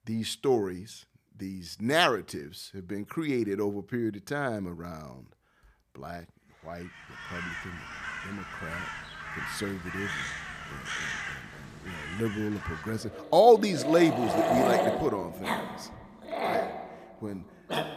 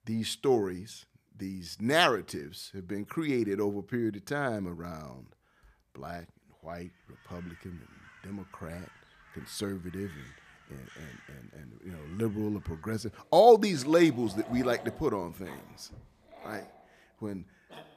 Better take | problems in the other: second | animal sounds; loud; from 7 s on; 5 dB below the speech; faint in the second

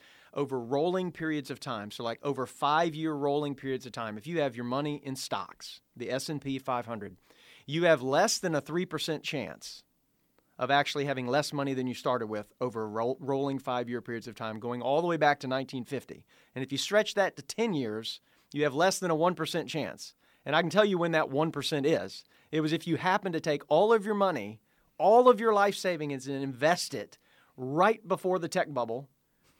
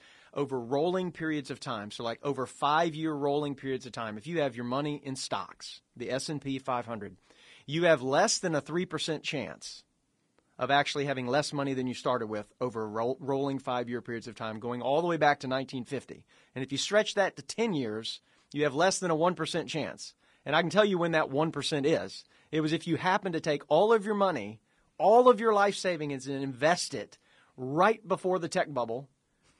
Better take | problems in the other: first | garbled, watery; slightly; nothing above 10 kHz

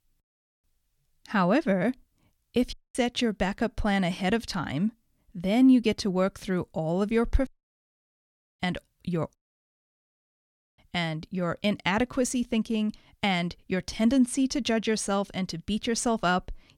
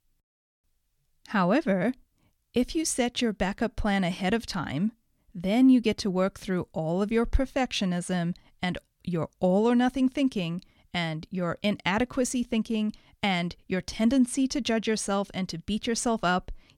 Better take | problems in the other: second | audio cutting out; at 2.5 s, at 7.5 s for 1 s and at 9.5 s for 1.5 s

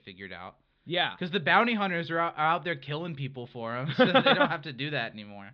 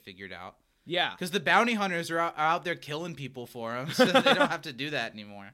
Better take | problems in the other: second | muffled; slightly; fading above 4 kHz

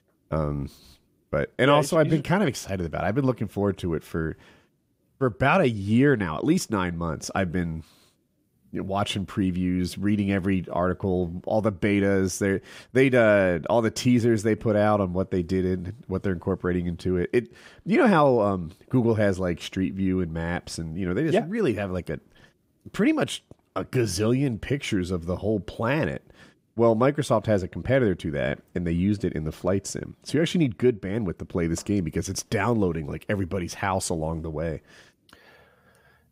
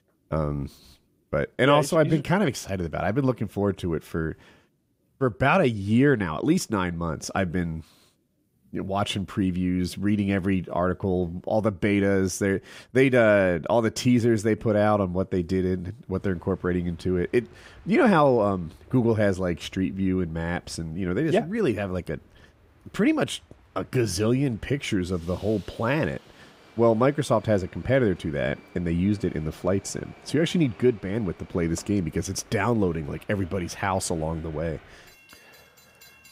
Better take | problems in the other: first | train or aircraft noise; faint; from 16 s on; 25 dB below the speech

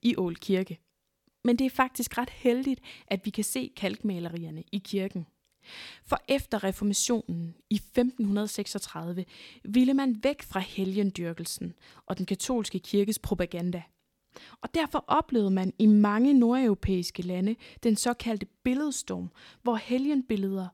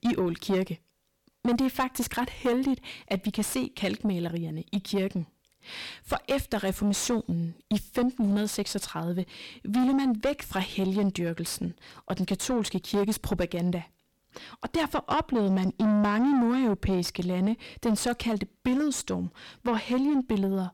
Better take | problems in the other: first | distortion; heavy; 6 dB below the speech

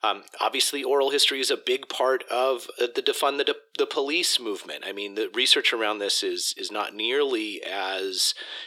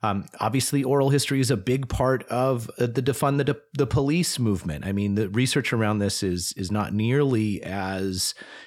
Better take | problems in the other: second | thin; very; fading below 350 Hz

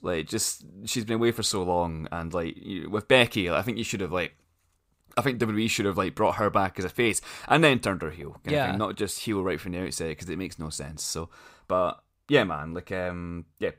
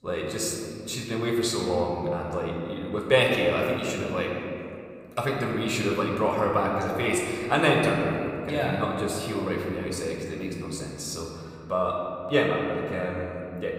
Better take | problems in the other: first | room echo; noticeable; dies away in 2.3 s // off-mic speech; somewhat distant

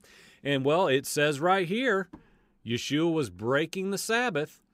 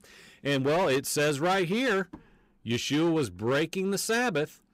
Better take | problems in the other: first | distortion; slight; 13% of the sound clipped

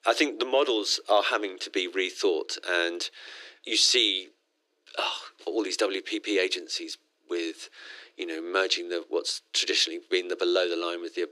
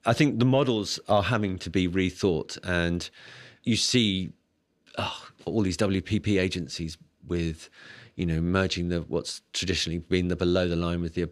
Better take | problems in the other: second | thin; very; fading below 300 Hz

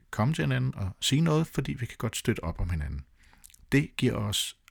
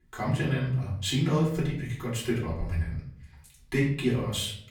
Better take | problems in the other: first | off-mic speech; far // room echo; noticeable; dies away in 0.6 s

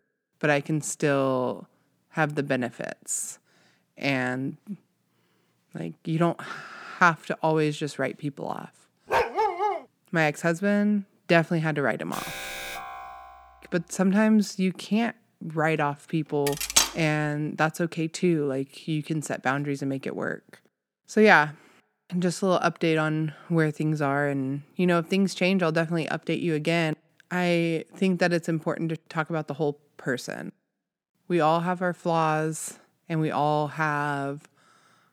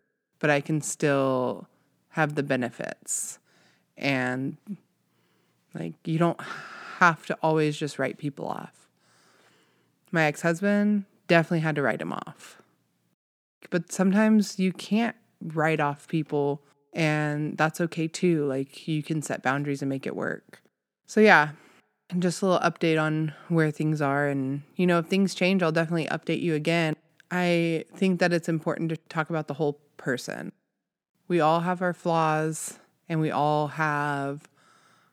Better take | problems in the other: second | dog barking; loud; at 9 s; peak 2 dB above the speech // alarm; noticeable; from 12 to 14 s; peak 8 dB below the speech // clattering dishes; loud; at 16 s; peak 5 dB above the speech

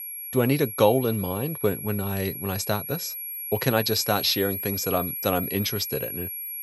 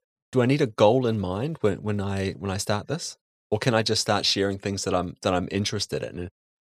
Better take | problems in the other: second | high-pitched whine; loud; throughout; 11.5 kHz, 5 dB below the speech

